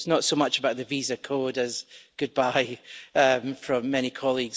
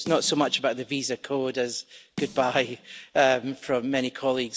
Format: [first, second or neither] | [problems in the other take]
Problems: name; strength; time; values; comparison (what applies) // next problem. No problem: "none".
first | background sound (Snare drum); 18 dB below the speech